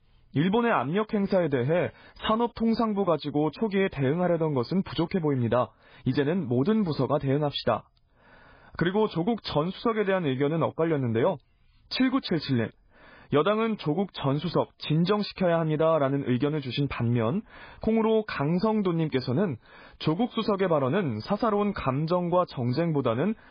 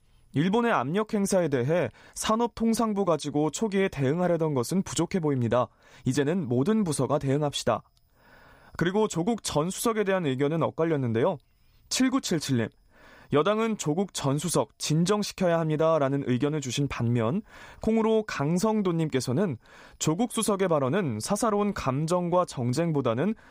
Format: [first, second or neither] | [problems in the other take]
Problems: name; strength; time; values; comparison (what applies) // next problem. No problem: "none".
second | garbled, watery; badly; nothing above 5 kHz